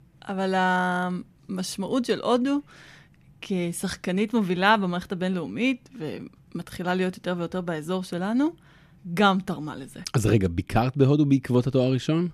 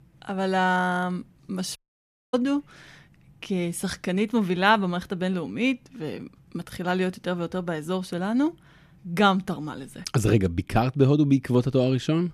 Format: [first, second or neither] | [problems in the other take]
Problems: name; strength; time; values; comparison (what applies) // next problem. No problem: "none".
first | audio cutting out; at 2 s for 0.5 s